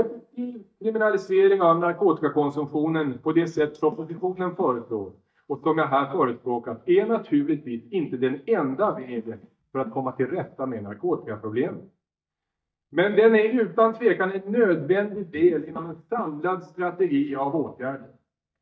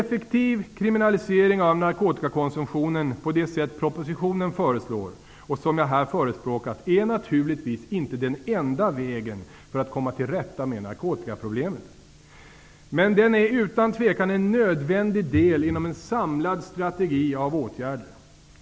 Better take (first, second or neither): second